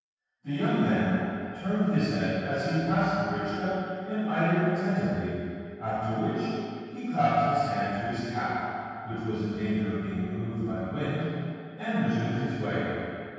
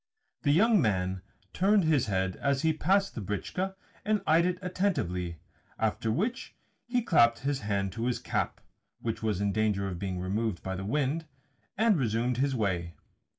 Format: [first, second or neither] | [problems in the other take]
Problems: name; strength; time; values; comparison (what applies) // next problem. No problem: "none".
second | room echo; dies away in 2.2 s